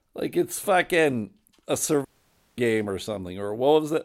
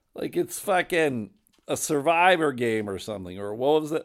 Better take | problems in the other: second | audio cutting out; at 2 s for 0.5 s

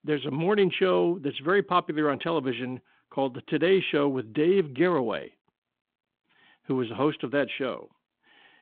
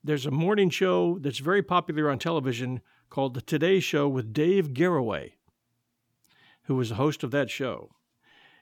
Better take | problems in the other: second | phone-call audio

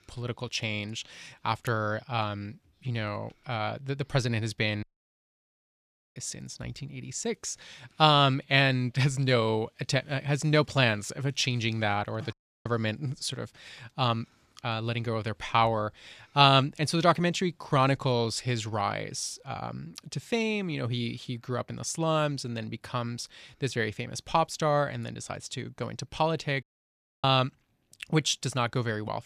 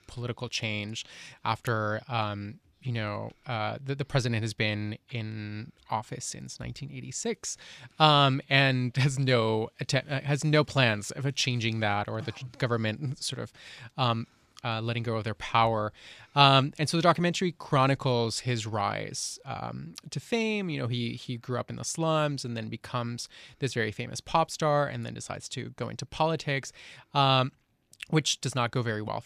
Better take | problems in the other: second | audio cutting out; at 5 s for 1.5 s, at 12 s and at 27 s for 0.5 s

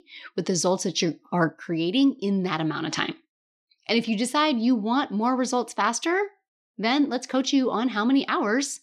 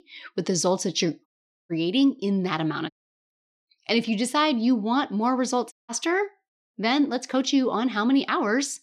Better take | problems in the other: first | audio cutting out; at 1.5 s, at 3 s and at 5.5 s

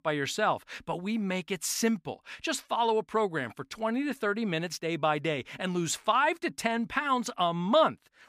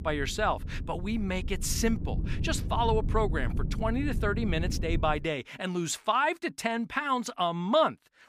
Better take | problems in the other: first | low rumble; noticeable; until 5 s; 15 dB below the speech

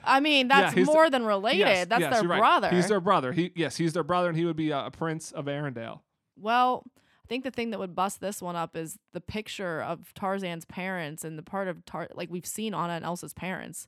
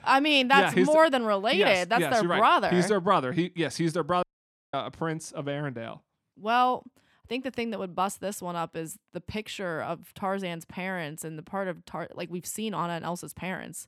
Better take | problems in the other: first | audio cutting out; at 4 s for 0.5 s

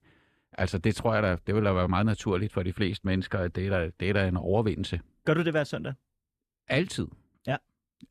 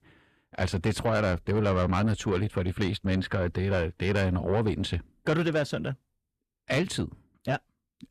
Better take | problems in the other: first | distortion; slight; 10 dB below the speech

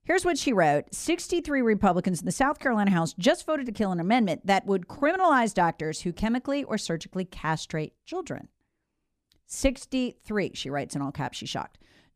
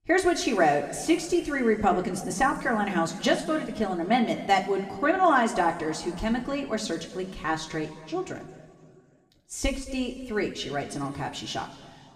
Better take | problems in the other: first | room echo; slight; dies away in 1.9 s // off-mic speech; somewhat distant

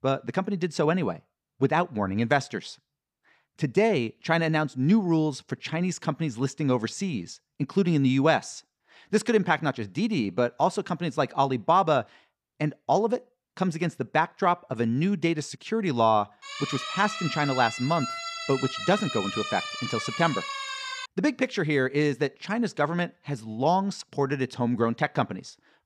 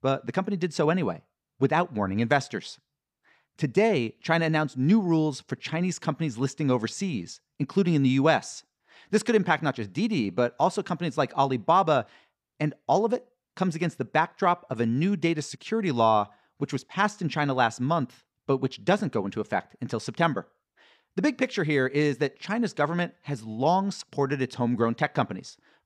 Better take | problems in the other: second | siren; noticeable; from 16 to 21 s; peak 5 dB below the speech

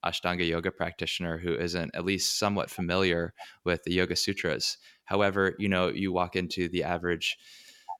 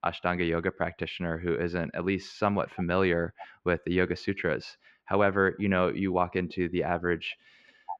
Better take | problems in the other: first | muffled; very; fading above 1.5 kHz

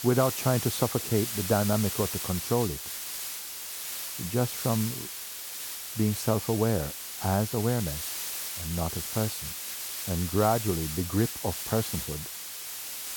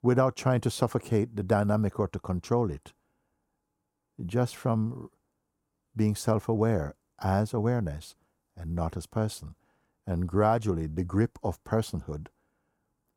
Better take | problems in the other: second | hiss; loud; throughout; 4 dB below the speech

